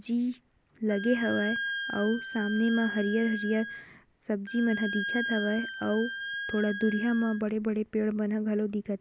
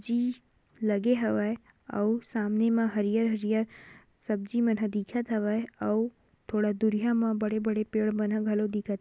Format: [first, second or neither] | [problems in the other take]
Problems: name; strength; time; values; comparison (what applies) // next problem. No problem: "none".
second | background sound (Wind instrument, woodwind instrument); 7 dB below the speech